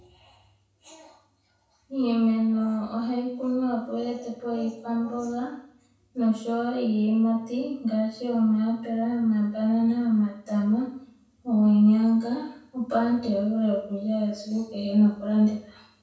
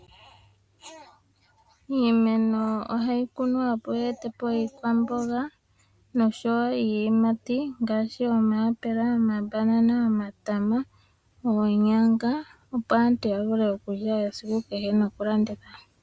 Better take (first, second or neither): second